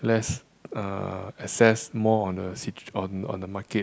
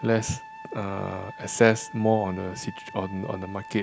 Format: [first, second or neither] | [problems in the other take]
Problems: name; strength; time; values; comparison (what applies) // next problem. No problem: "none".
first | background sound (Wind instrument, woodwind instrument); 16 dB below the speech